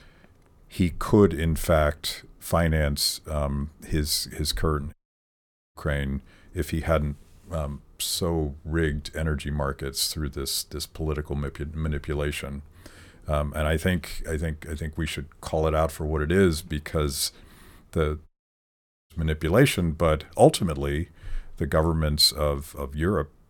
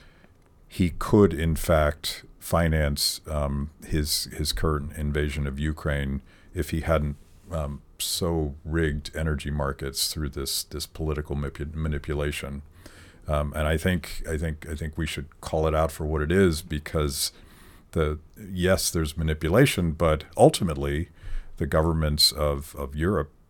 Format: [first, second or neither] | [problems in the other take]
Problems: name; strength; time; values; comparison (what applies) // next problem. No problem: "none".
second | audio cutting out; at 5 s for 1 s and at 18 s for 1 s